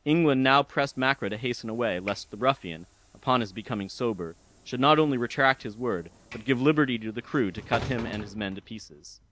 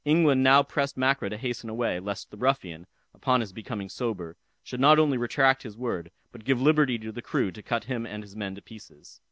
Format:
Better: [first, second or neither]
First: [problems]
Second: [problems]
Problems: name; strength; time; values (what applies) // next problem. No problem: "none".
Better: second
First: background sound (Sliding door / Train); 18 dB below the speech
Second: none